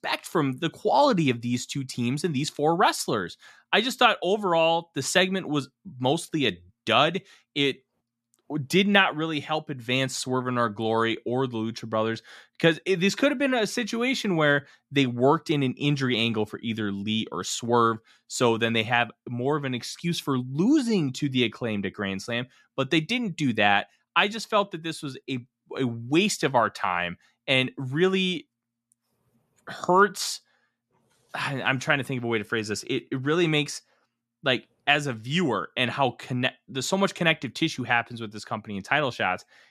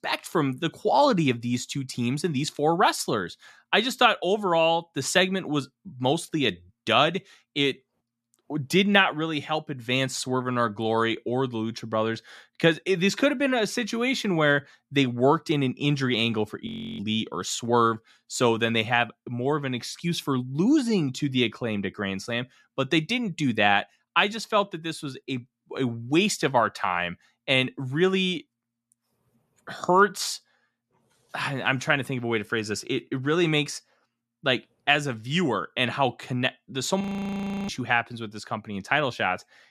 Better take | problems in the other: first | audio freezing; at 17 s and at 37 s for 0.5 s

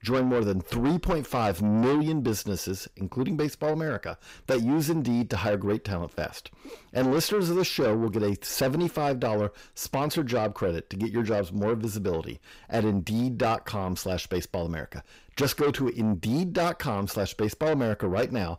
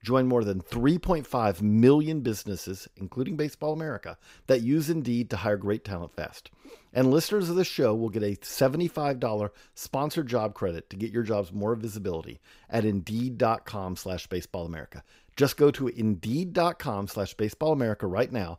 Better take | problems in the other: second | distortion; heavy; 7 dB below the speech

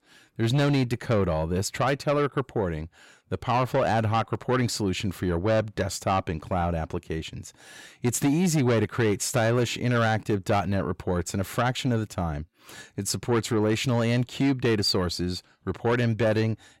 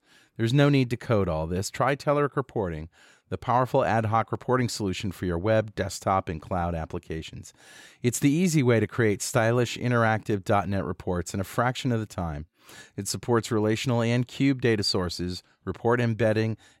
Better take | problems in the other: second | distortion; slight; 10 dB below the speech

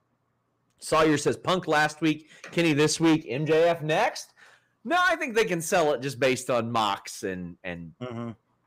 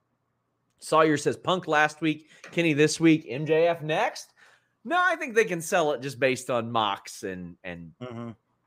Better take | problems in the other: second | distortion; slight; 6% of the sound clipped

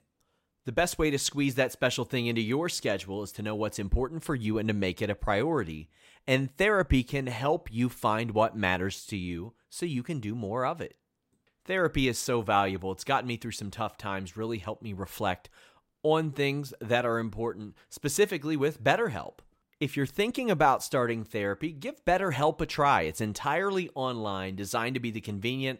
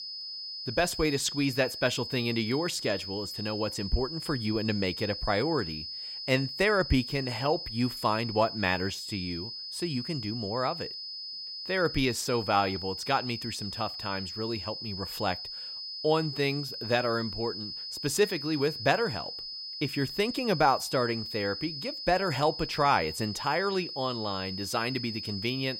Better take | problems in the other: first | high-pitched whine; loud; throughout; 5 kHz, 6 dB below the speech

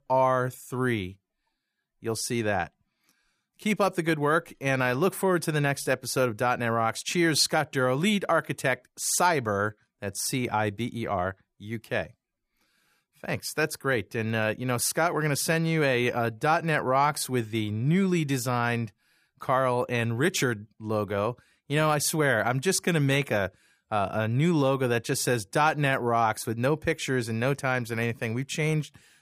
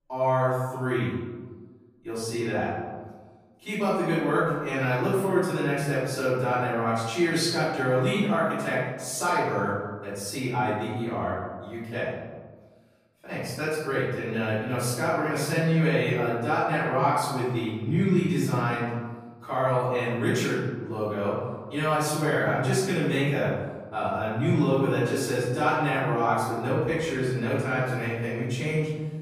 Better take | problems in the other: first | off-mic speech; far // room echo; strong; dies away in 1.4 s

